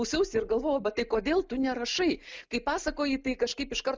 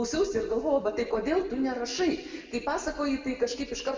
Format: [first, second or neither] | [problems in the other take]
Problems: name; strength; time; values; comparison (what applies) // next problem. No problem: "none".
first | room echo; dies away in 1.5 s